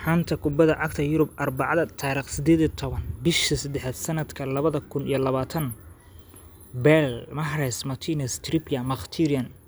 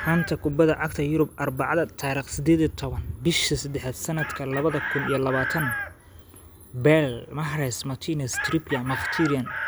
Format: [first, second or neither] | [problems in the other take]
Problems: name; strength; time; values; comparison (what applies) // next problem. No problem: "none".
first | background sound (Chicken, rooster); 10 dB below the speech